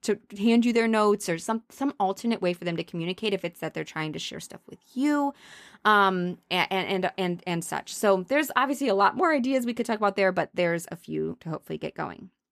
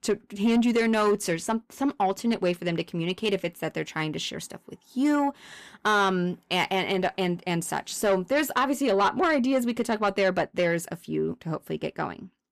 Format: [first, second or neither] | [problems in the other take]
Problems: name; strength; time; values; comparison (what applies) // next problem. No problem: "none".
first | distortion; slight; 10 dB below the speech